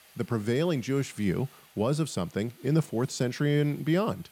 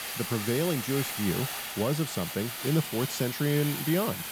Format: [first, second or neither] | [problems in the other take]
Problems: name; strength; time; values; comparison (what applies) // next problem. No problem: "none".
first | hiss; loud; throughout; 4 dB below the speech; faint in the first